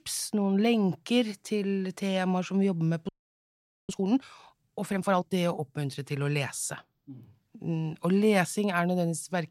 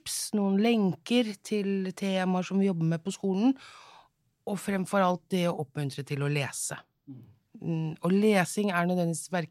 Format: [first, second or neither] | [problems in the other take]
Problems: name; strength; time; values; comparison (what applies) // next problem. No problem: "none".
second | audio freezing; at 3 s for 1 s